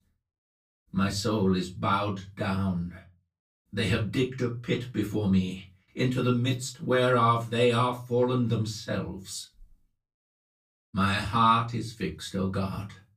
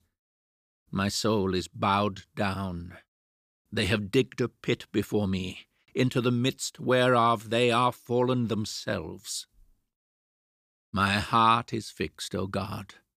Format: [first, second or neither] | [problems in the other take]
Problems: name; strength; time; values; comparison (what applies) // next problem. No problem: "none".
second | off-mic speech; far // room echo; very slight; dies away in 0.3 s